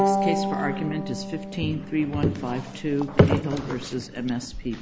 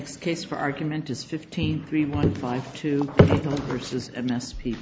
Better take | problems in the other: second | background sound (Bowed string instrument); 4 dB below the speech

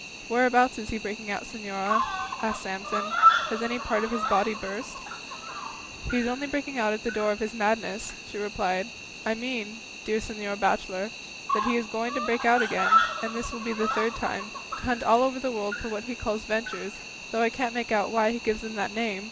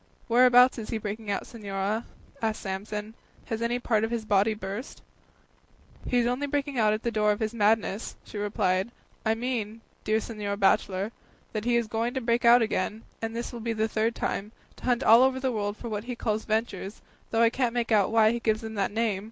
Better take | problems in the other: second | background sound (Cricket); 3 dB below the speech

